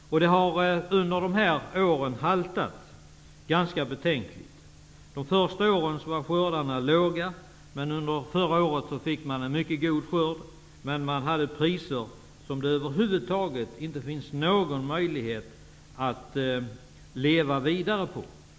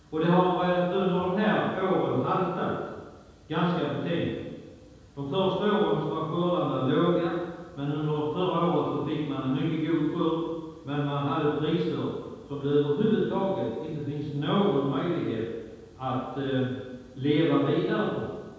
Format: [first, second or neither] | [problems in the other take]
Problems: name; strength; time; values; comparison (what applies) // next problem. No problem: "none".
first | room echo; dies away in 1.2 s